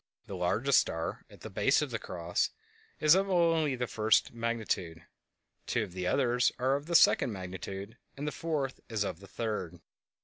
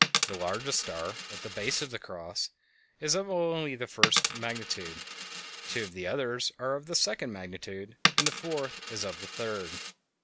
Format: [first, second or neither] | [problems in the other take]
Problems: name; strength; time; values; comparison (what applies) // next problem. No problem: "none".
first | background sound (Coin (dropping)); as loud as the speech